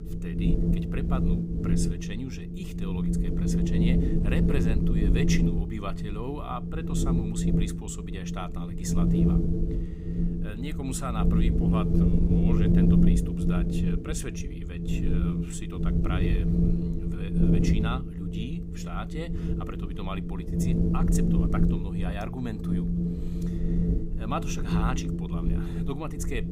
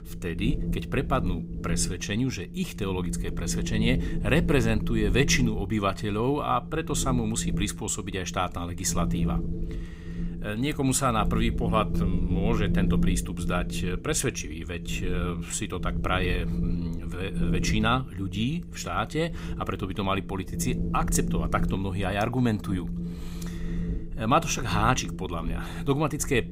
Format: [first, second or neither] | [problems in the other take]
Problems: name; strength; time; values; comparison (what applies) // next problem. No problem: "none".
second | wind noise on the microphone; heavy; 3 dB above the speech; occasional gusts in the second